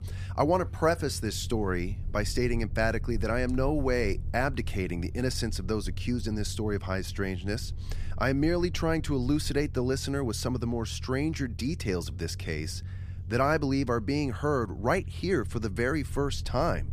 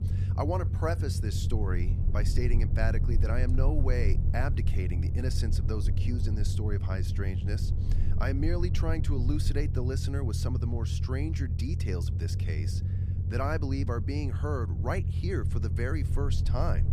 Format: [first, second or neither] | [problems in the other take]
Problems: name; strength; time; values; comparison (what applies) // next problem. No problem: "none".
first | low rumble; loud; throughout; 7 dB below the speech; faint in the first